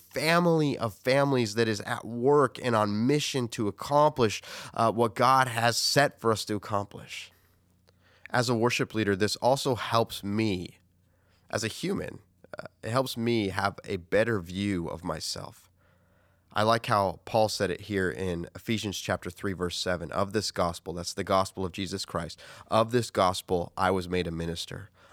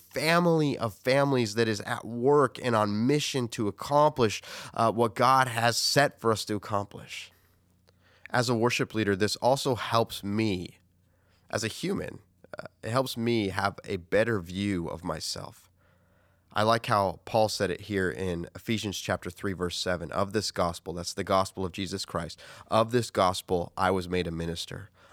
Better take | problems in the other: neither | none

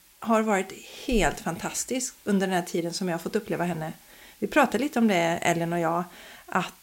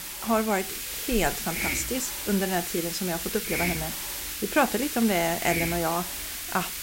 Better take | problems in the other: first | hiss; loud; throughout; 2 dB below the speech; faint in the first

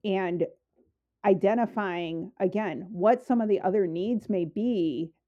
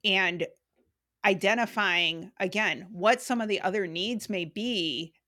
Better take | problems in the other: second | muffled; very; fading above 1.5 kHz

